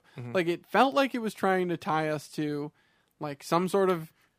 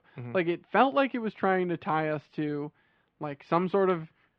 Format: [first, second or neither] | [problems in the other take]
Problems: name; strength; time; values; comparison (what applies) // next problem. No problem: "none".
first | muffled; slightly; fading above 3 kHz